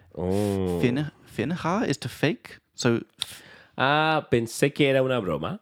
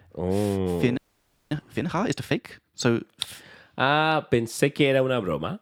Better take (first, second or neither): first